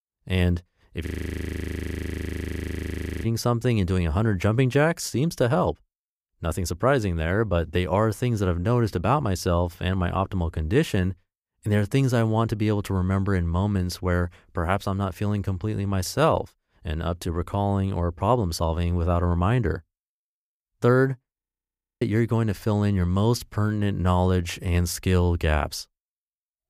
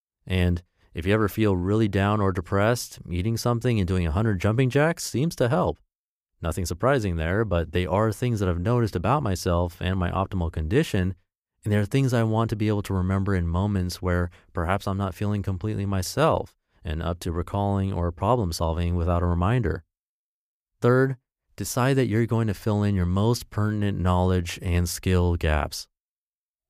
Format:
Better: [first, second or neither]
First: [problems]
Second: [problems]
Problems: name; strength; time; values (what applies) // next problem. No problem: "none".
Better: second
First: audio freezing; at 1 s for 2 s and at 21 s for 0.5 s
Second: none